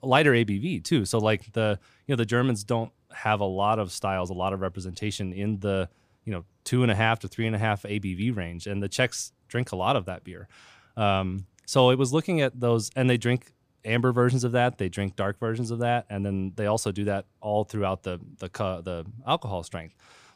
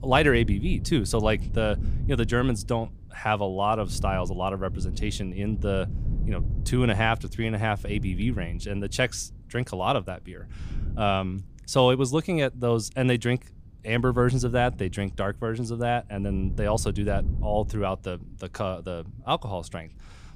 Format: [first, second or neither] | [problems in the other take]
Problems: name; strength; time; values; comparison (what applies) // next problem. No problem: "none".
first | wind noise on the microphone; occasional gusts; 20 dB below the speech